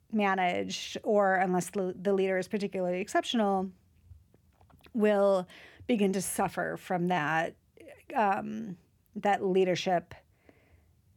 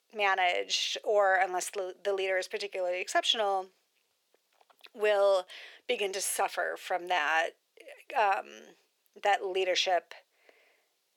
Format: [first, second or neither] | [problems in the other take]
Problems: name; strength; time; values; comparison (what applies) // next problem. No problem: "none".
first | thin; very; fading below 450 Hz